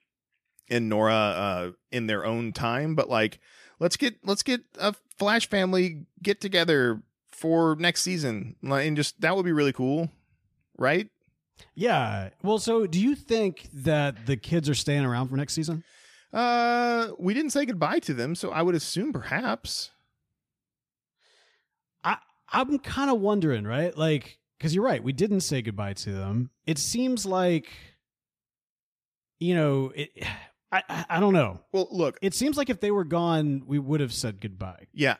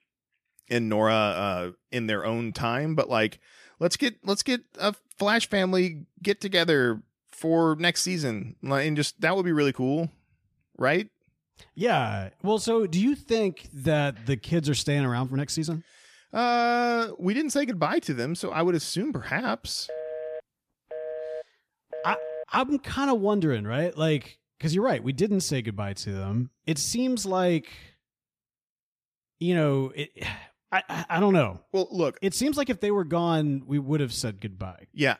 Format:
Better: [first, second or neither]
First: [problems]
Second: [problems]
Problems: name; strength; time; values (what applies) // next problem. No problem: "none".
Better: first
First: none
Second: phone ringing; noticeable; from 20 to 22 s; peak 8 dB below the speech